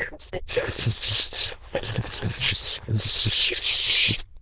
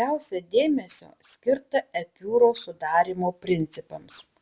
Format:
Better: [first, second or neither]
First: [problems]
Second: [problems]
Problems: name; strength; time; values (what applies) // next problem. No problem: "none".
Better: second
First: noise reduction (neural diffusion model UNIVERSE++)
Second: none